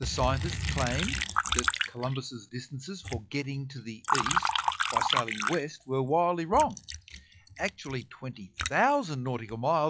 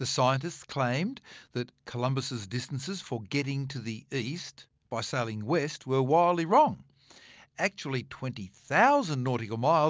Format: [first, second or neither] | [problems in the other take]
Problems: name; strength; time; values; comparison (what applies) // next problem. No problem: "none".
second | noise reduction (classical method log-MMSE)